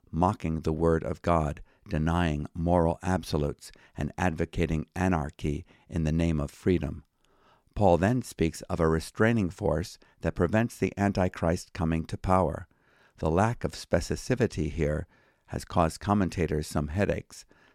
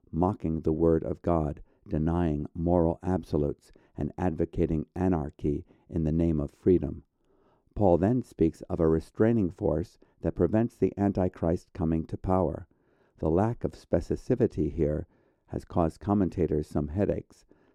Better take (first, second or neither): first